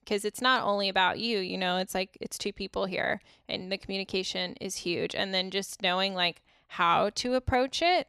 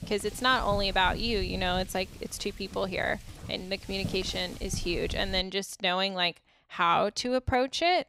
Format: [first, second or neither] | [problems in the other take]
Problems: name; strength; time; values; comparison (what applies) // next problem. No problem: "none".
first | wind noise on the microphone; occasional gusts; until 5.5 s; 20 dB below the speech